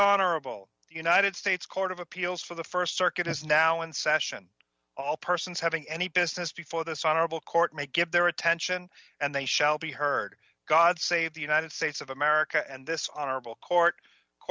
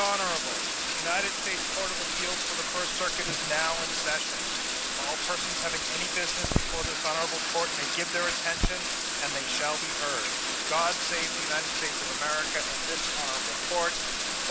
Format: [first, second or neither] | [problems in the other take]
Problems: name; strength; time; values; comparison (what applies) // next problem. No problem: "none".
first | background sound (Bathtub (filling or washing)); 3 dB above the speech